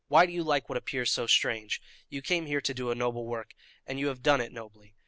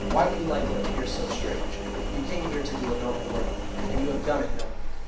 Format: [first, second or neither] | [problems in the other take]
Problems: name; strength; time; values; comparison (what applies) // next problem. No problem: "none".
first | background sound (Engine); 3 dB above the speech // room echo; dies away in 0.7 s